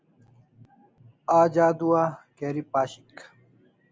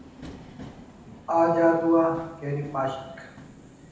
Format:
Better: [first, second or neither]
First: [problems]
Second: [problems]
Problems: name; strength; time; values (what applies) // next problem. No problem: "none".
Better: first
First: none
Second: background sound (Subway, metro, underground); 19 dB below the speech // room echo; dies away in 0.9 s